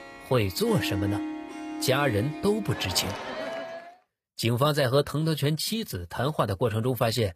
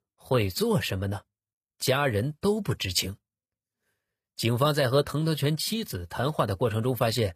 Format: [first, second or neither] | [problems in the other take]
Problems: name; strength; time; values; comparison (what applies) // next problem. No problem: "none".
second | background music; loud; until 3.5 s; 8 dB below the speech